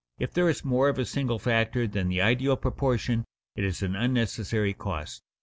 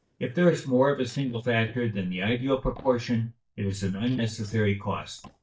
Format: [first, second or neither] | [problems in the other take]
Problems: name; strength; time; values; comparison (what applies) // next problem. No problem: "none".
first | noise reduction (neural mask model DeepFilterNet 3)